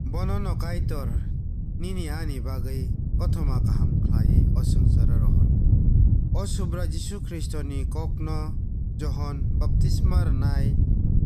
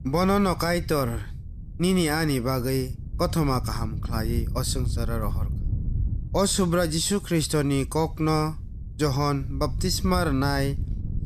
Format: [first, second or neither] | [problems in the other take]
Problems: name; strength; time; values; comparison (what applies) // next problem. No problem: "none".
second | wind noise on the microphone; heavy; as loud as the speech; occasional gusts in the second